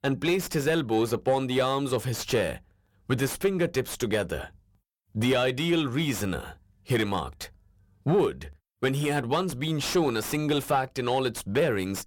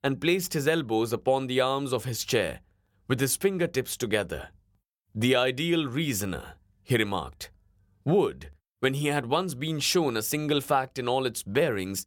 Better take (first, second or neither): second